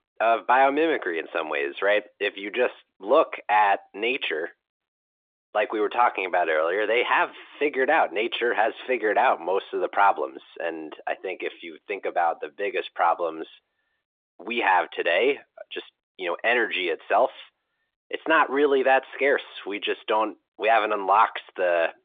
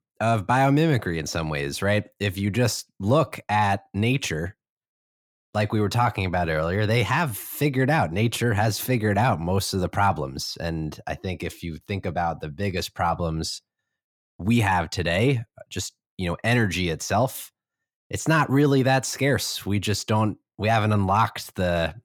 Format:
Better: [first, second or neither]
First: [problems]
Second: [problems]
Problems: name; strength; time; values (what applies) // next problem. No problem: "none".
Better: second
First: phone-call audio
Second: none